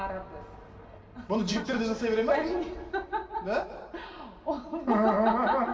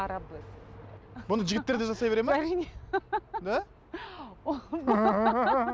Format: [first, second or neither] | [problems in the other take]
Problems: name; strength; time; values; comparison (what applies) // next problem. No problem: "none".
second | room echo; dies away in 2.2 s